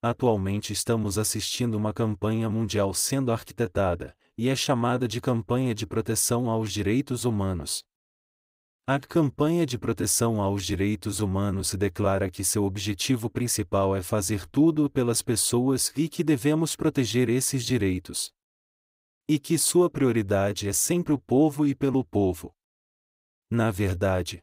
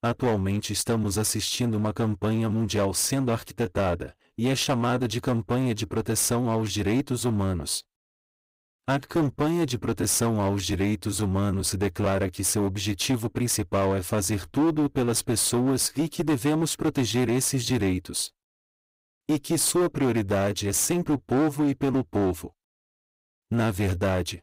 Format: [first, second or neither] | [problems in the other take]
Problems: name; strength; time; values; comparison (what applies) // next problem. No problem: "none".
first | distortion; slight; 11% of the sound clipped